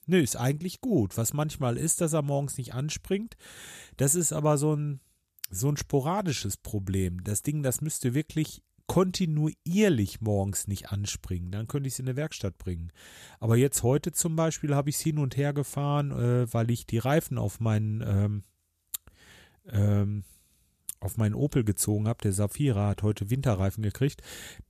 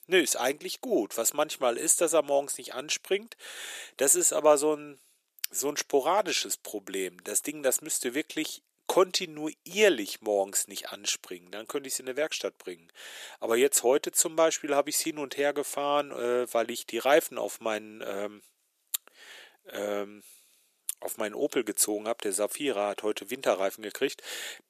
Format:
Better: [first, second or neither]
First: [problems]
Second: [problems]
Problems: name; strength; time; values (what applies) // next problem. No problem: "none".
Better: first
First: none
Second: thin; very; fading below 350 Hz